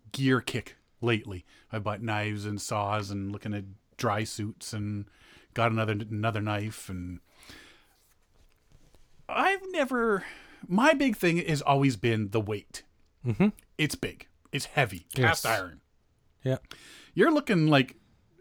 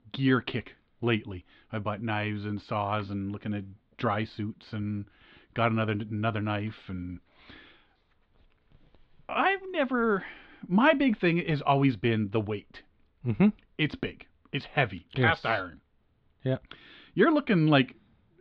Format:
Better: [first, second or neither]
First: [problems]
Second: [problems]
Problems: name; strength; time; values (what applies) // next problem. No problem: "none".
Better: first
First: none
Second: muffled; slightly; fading above 3.5 kHz